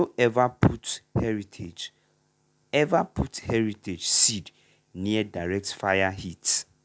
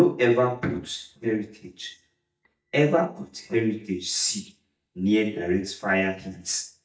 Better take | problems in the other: first | noise reduction (neural mask model DeepFilterNet 3)

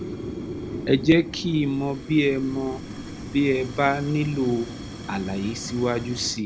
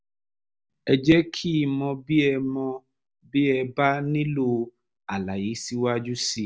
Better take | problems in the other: second | background sound (Fire); 10 dB below the speech

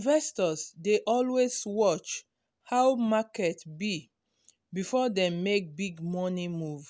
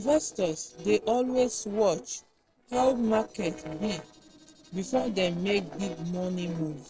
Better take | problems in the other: first | noise reduction (neural separator model SepFormer DNS4)

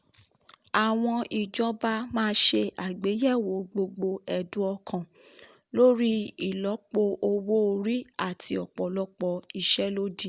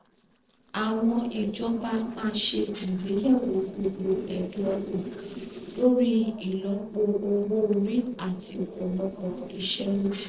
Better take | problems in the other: first | noise reduction (neural separator model SepFormer DNS4)

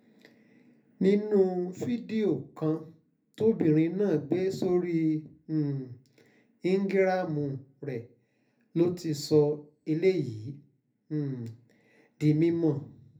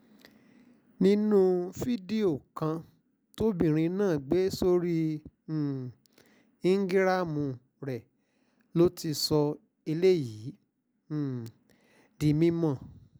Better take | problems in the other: second | room echo; dies away in 0.3 s

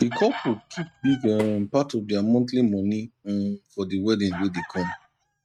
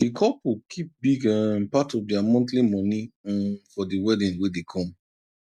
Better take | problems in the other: second | noise reduction (neural mask model RNNoise)

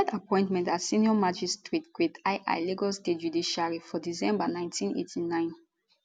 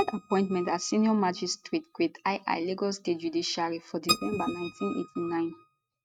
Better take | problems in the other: first | noise reduction (neural mask model RNNoise)

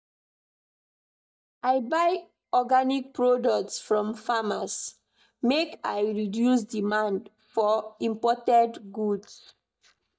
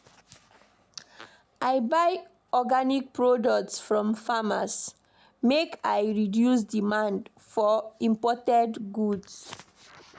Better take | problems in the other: second | noise reduction (neural mask model DeepFilterNet 3)

